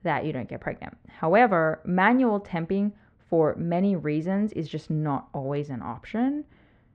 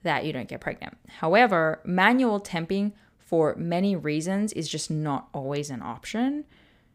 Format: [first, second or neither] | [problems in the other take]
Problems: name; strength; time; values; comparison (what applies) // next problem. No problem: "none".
second | muffled; very; fading above 2 kHz